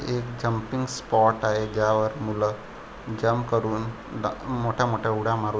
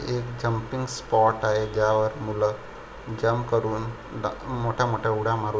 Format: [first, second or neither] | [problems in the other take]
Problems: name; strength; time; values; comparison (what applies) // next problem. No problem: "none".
first | room echo; dies away in 1 s